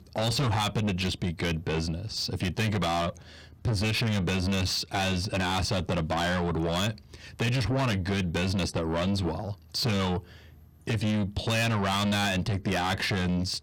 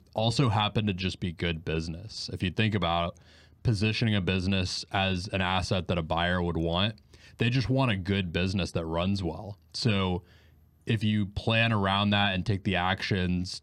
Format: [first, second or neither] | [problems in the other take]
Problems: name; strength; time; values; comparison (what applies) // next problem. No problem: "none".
second | distortion; heavy; 6 dB below the speech